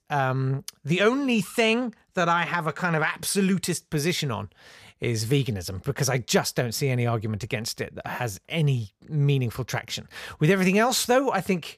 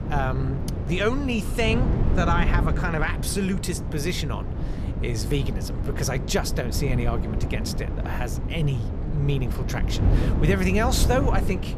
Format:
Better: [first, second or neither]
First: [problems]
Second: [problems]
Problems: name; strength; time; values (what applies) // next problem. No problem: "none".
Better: first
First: none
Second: wind noise on the microphone; heavy; 8 dB below the speech